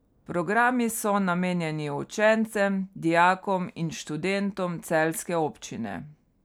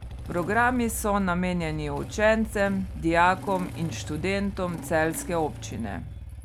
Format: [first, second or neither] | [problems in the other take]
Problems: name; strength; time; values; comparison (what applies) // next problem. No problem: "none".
first | background sound (Engine starting / Motorcycle); 10 dB below the speech